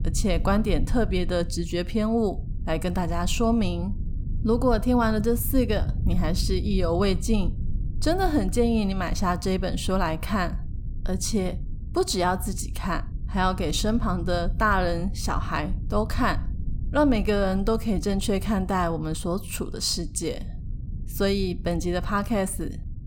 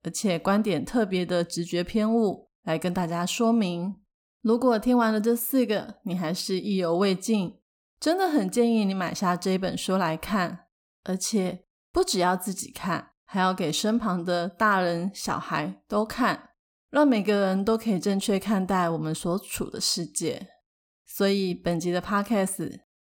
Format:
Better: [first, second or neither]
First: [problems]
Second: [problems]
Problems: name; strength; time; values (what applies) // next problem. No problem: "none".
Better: second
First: low rumble; faint; throughout; 20 dB below the speech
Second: none